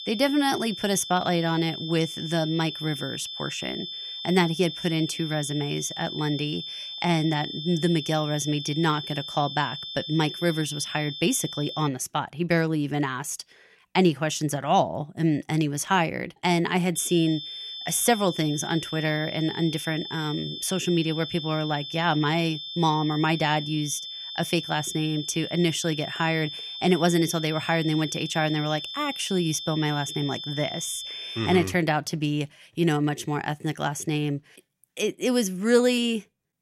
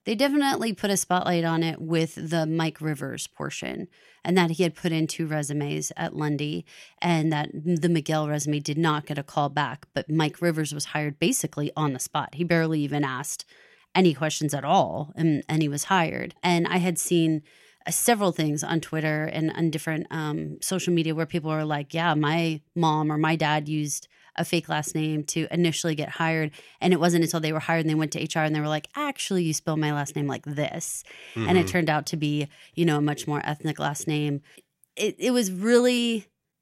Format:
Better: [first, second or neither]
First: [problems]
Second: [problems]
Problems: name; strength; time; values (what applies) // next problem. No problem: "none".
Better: second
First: high-pitched whine; loud; until 12 s and from 17 to 32 s; 3.5 kHz, 8 dB below the speech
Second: none